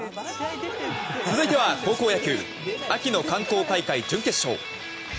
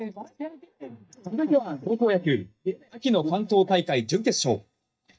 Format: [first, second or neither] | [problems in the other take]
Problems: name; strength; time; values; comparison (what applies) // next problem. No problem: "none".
first | noise reduction (neural mask model DeepFilterNet 3)